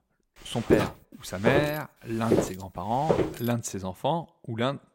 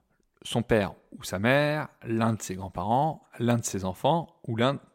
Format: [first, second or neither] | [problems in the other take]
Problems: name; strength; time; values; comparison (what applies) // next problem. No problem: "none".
second | footsteps; loud; from 0.5 to 3.5 s; peak 4 dB above the speech